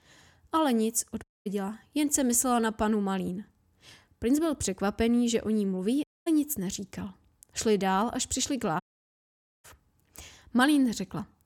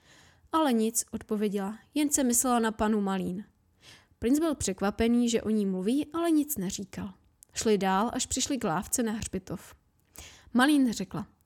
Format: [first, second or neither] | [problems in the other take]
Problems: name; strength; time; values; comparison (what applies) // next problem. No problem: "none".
second | audio cutting out; at 1 s, at 6 s and at 9 s for 1 s